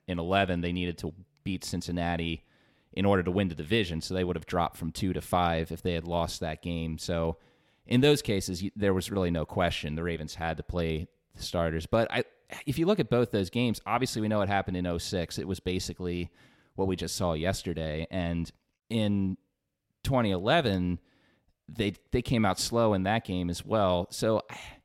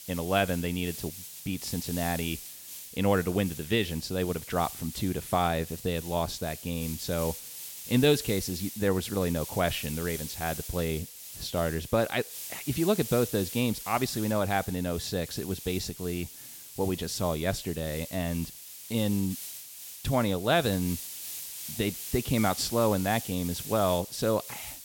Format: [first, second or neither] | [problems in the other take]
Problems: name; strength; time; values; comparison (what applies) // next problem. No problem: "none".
first | hiss; loud; throughout; 9 dB below the speech